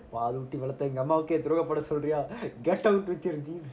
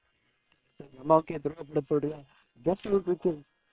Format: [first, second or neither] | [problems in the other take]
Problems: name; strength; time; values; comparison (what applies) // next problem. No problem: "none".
first | noise reduction (neural separator model SepFormer WHAM!)